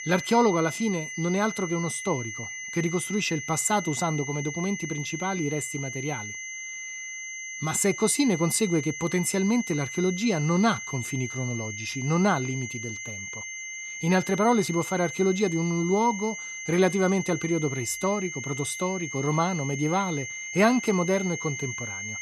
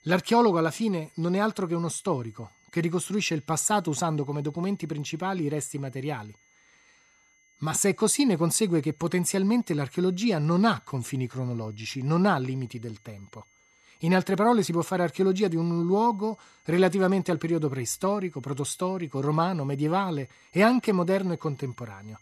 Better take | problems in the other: second | high-pitched whine; loud; throughout; 2 kHz, 7 dB below the speech; faint in the second

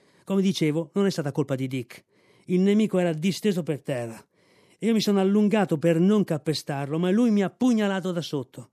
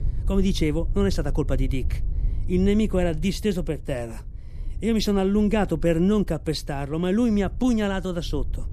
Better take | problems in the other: first | low rumble; faint; throughout; 25 dB below the speech

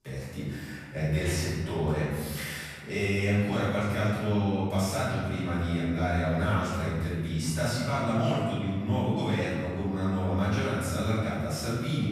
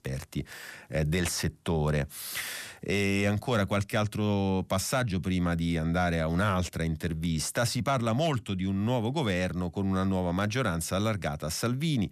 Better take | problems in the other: second | off-mic speech; far // room echo; strong; dies away in 1.4 s

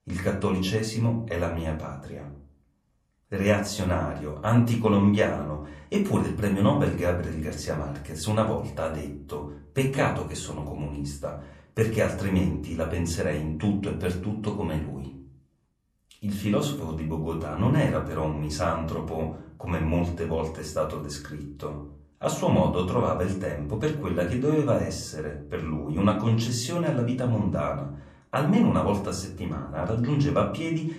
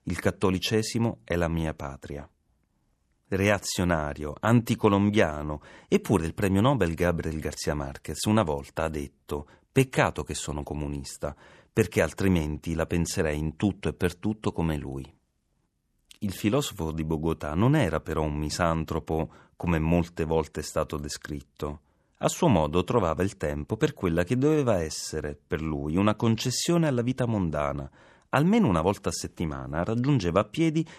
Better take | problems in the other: second | off-mic speech; somewhat distant // room echo; slight; dies away in 0.5 s

